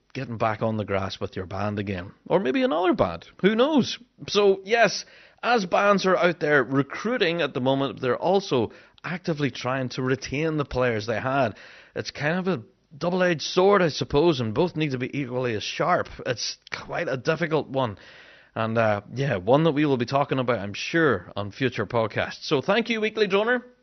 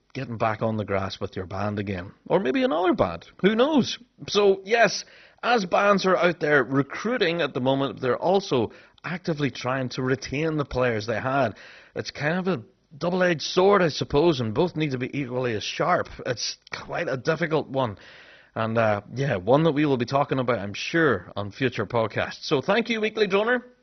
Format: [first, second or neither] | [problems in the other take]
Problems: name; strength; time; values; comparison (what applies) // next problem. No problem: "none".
first | garbled, watery; badly; nothing above 6 kHz; slightly in the first